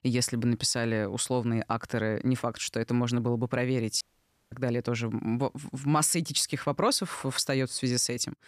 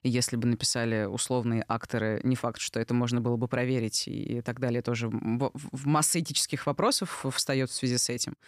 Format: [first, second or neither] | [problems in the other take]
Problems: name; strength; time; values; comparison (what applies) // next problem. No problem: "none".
second | audio cutting out; at 4 s for 0.5 s